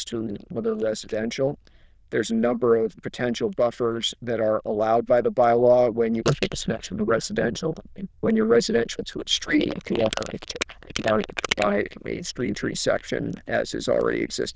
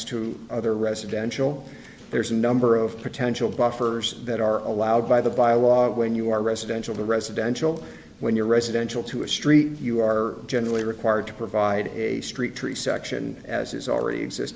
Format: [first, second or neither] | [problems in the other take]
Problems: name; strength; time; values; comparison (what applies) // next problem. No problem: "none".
second | noise reduction (neural diffusion model UNIVERSE++)